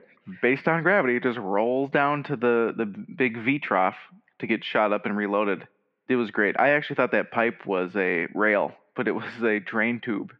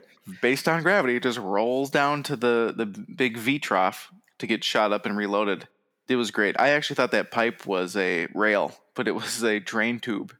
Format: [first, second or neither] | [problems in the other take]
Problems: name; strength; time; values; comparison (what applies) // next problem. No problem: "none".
second | muffled; very; fading above 2.5 kHz